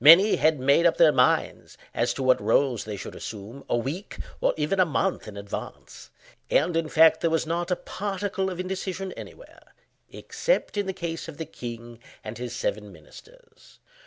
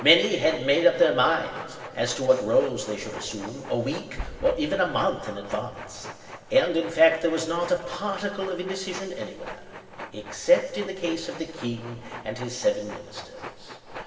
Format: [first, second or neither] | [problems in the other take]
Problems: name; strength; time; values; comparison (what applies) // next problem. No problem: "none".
first | background sound (Train); 15 dB below the speech // room echo; dies away in 2.7 s